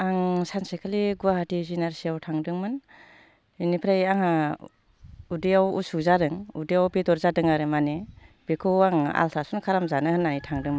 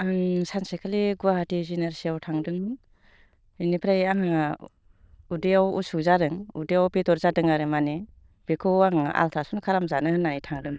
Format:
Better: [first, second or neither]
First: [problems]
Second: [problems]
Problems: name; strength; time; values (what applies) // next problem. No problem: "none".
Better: first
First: none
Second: noise reduction (neural diffusion model UNIVERSE++)